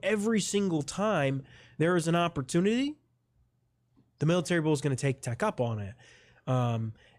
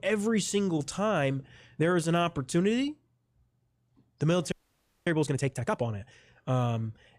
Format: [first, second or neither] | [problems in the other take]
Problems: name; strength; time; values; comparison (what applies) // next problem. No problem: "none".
first | audio freezing; at 4.5 s for 0.5 s